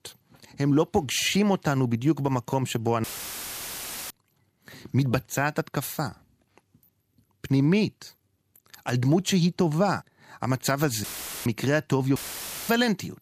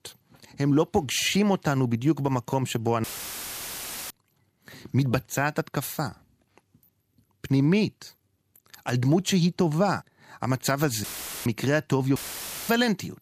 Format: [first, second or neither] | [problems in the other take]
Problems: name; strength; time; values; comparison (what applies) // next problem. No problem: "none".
neither | audio cutting out; filled with static; at 3 s for 1 s, at 11 s and at 12 s for 0.5 s; the same in both